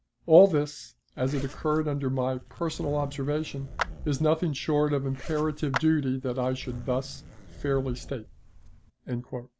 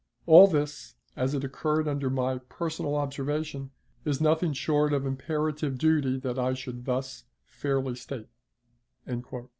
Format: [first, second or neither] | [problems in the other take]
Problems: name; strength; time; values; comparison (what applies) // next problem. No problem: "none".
second | background sound (Clapping + Zipper (clothing)); 12 dB below the speech